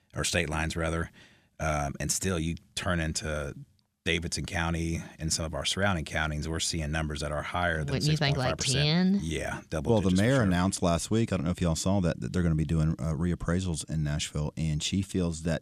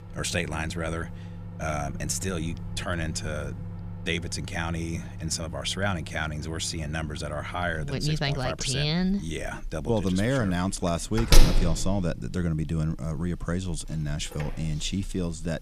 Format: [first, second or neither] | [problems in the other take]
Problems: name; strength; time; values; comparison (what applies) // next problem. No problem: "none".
first | household noises; loud; throughout; 5 dB below the speech